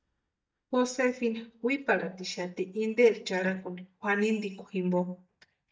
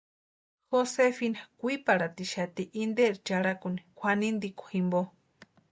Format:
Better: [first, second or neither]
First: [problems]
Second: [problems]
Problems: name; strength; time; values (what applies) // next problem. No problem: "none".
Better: second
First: noise reduction (neural mask model DeepFilterNet 3)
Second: none